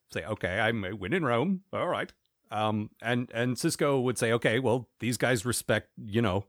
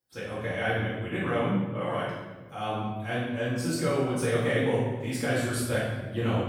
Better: first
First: none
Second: room echo; strong; dies away in 1.5 s // off-mic speech; far

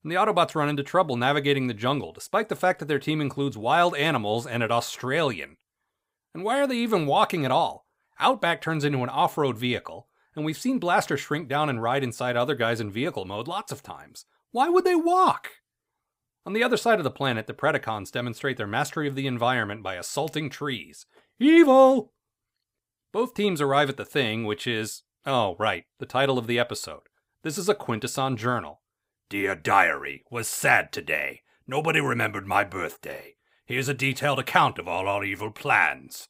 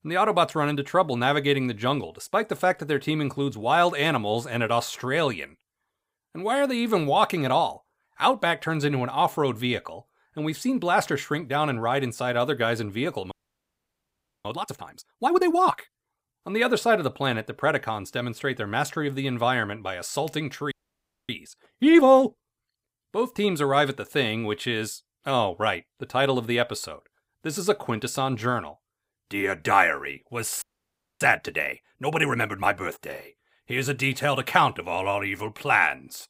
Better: first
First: none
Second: audio freezing; at 13 s for 1 s, at 21 s for 0.5 s and at 31 s for 0.5 s

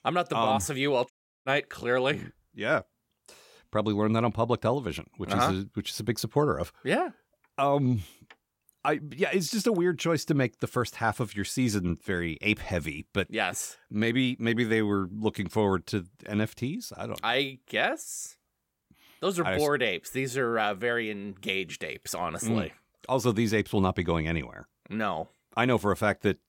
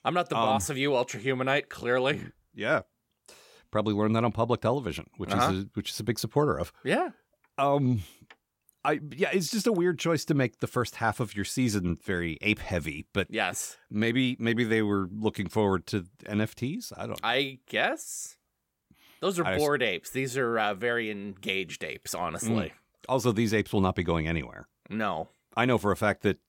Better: second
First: audio cutting out; at 1 s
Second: none

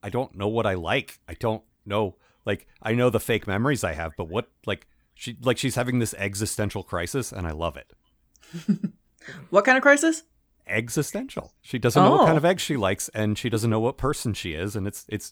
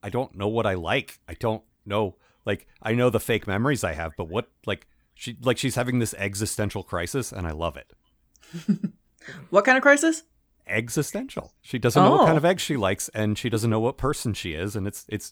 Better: neither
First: none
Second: none

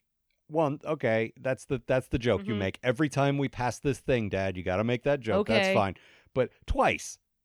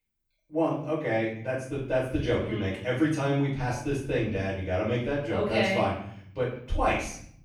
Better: first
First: none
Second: off-mic speech; far // room echo; noticeable; dies away in 0.6 s

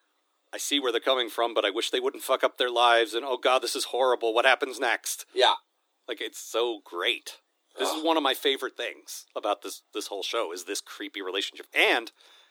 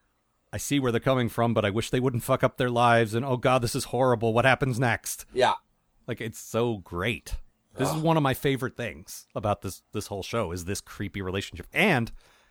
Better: second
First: thin; very; fading below 300 Hz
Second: none

